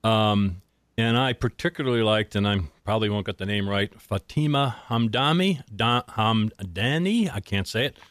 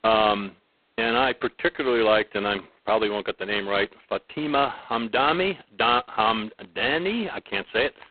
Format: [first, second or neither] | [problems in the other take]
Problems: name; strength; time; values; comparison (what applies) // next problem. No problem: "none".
first | phone-call audio; poor line; nothing above 4 kHz